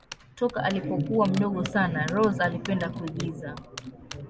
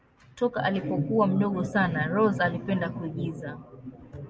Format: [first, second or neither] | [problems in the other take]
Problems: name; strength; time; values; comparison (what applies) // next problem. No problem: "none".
second | background sound (Typing); 18 dB below the speech